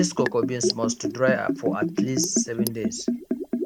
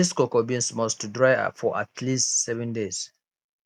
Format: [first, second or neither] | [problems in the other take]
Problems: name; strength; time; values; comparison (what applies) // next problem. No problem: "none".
second | background sound (Liquid); 1 dB above the speech